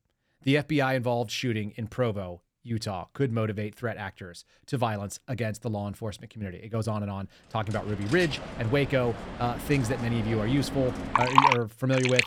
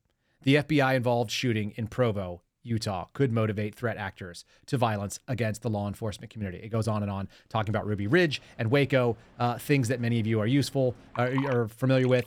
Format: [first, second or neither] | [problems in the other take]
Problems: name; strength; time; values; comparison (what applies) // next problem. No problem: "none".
second | household noises; loud; from 8 s on; as loud as the speech; faint in the second